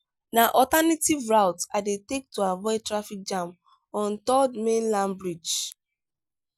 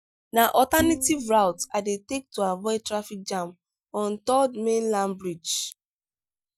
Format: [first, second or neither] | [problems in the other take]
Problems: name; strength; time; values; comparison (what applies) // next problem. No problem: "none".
first | noise reduction (neural mask model DeepFilterNet 3)